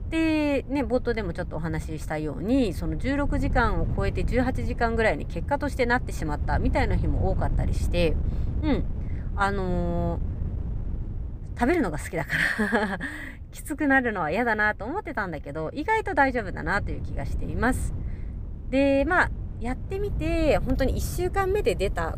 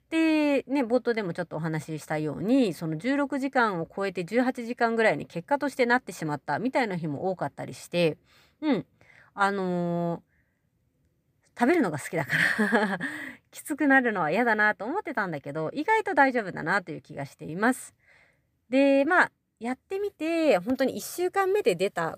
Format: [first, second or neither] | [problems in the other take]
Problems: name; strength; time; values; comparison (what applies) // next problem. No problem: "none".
second | wind noise on the microphone; occasional gusts; 20 dB below the speech